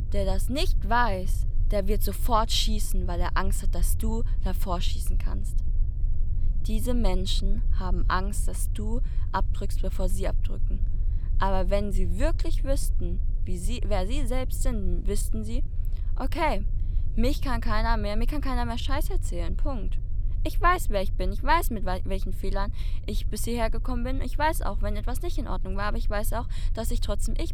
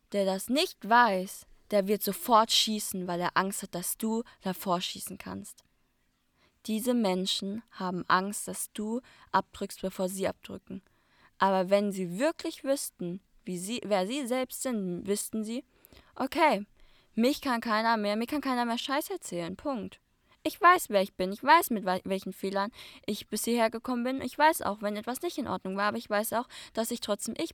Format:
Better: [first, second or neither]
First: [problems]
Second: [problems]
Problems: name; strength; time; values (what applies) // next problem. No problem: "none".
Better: second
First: low rumble; faint; throughout; 20 dB below the speech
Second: none